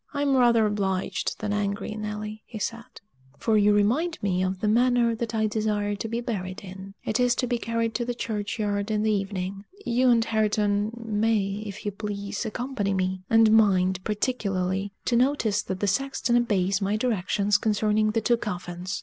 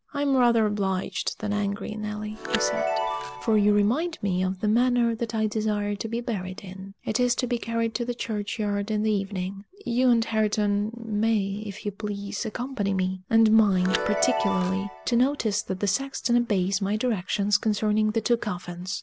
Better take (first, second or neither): first